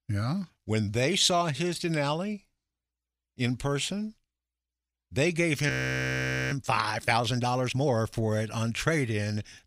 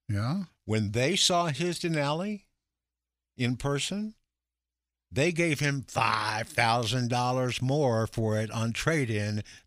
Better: second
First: audio freezing; at 5.5 s for 1 s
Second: none

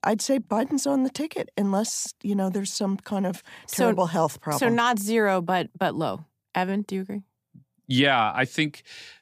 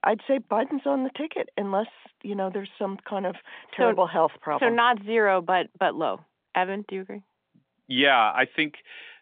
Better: first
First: none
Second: phone-call audio; nothing above 3.5 kHz

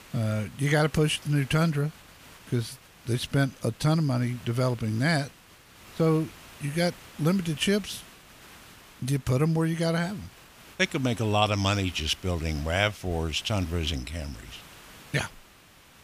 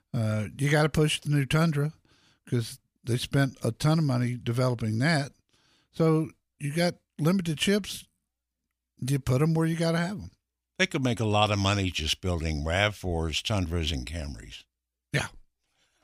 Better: second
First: hiss; faint; throughout; 20 dB below the speech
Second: none

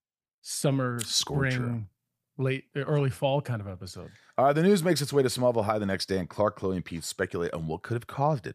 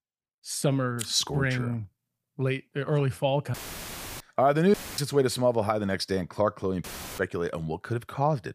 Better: first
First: none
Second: audio cutting out; filled with static; at 3.5 s for 0.5 s, at 4.5 s and at 7 s

